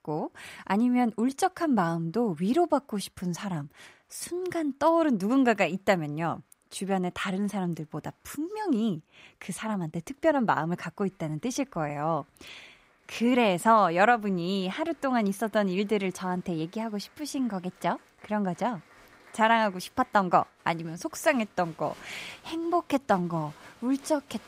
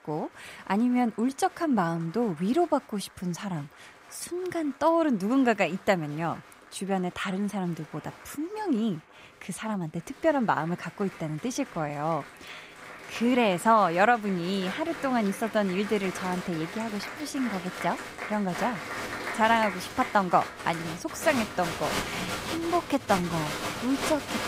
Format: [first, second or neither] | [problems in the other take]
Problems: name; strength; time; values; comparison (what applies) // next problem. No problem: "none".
first | crowd noise; loud; throughout; 8 dB below the speech; faint in the first